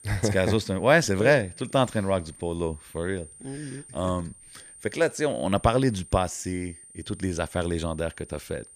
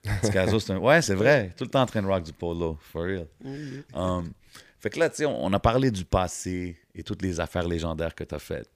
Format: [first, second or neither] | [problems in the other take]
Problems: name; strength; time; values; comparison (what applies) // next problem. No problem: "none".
second | high-pitched whine; noticeable; throughout; 9 kHz, 20 dB below the speech